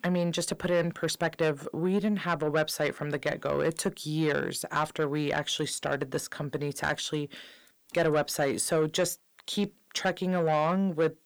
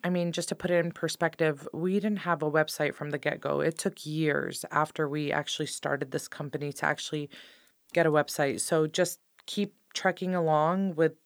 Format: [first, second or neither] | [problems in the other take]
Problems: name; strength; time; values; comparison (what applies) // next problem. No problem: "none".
second | distortion; slight; 10 dB below the speech